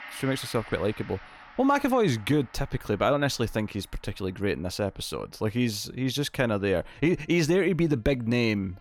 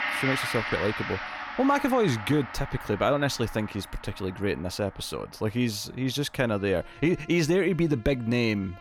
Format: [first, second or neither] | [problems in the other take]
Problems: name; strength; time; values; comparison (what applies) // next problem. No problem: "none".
first | background music; loud; throughout; 7 dB below the speech; faint in the first